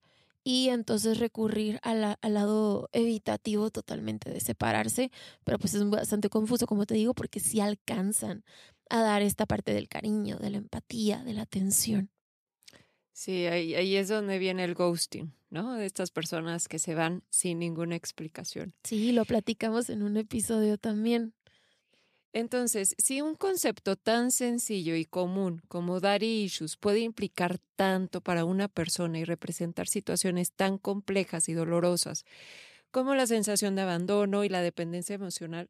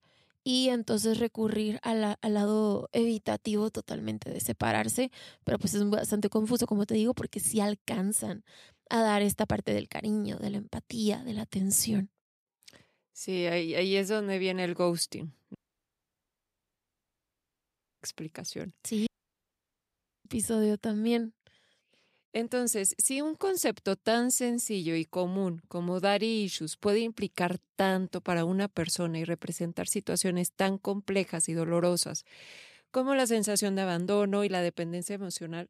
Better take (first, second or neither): first